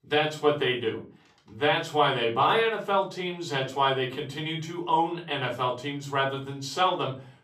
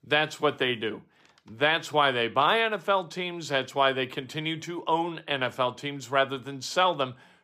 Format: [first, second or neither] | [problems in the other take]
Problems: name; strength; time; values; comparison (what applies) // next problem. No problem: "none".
second | off-mic speech; far // room echo; very slight; dies away in 0.3 s